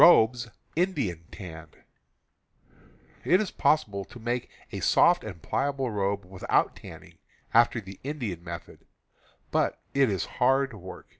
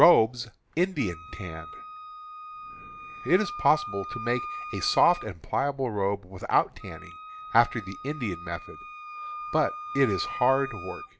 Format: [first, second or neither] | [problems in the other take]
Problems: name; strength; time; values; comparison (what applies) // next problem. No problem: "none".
first | background sound (Wind instrument, woodwind instrument); 12 dB below the speech